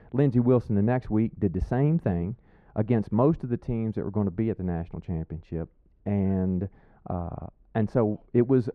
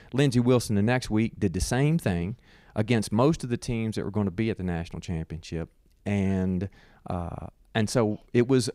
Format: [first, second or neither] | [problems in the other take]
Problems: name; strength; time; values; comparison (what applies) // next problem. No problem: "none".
second | muffled; very; fading above 3 kHz